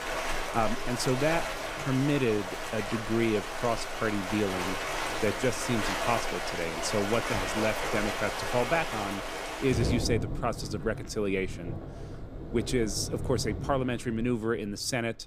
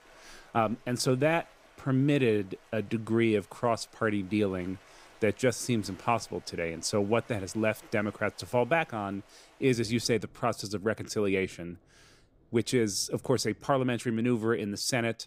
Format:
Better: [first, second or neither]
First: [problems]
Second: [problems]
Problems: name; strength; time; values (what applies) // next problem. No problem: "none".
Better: second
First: rain or running water; loud; throughout; 3 dB below the speech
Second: rain or running water; faint; throughout; 25 dB below the speech